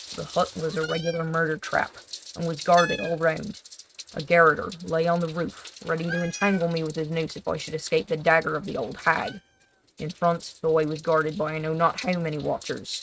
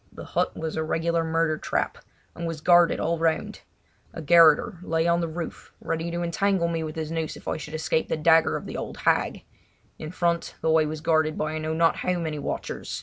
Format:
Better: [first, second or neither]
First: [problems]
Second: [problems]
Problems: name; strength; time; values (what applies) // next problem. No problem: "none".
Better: second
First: noise reduction (neural mask model RNNoise)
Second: none